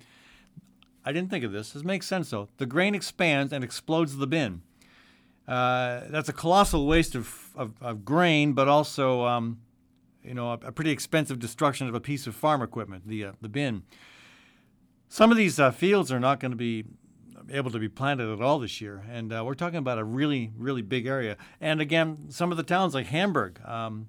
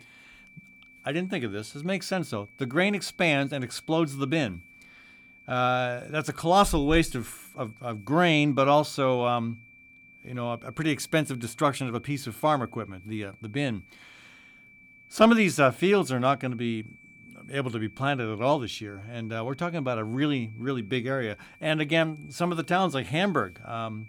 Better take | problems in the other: first | high-pitched whine; faint; throughout; 2.5 kHz, 25 dB below the speech

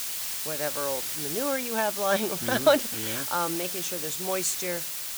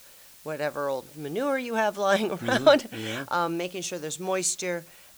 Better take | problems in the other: second | hiss; loud; throughout; 1 dB below the speech; faint in the second

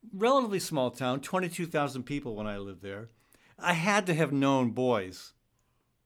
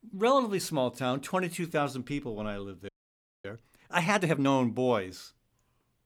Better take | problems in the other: first | audio freezing; at 3 s for 0.5 s

